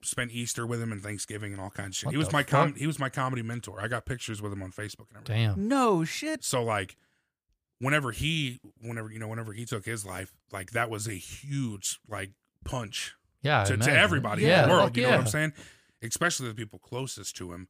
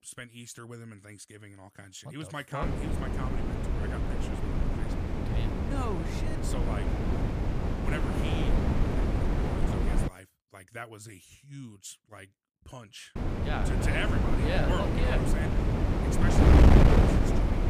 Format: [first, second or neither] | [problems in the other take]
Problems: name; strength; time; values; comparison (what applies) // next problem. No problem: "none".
first | wind noise on the microphone; heavy; from 2.5 to 10 s and from 13 s on; 5 dB above the speech